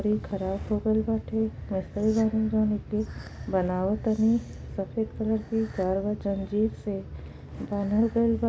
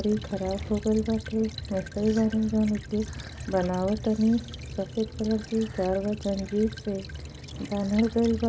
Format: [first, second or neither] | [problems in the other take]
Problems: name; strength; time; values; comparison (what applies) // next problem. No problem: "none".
first | background sound (Stream / Trickle, dribble); 20 dB below the speech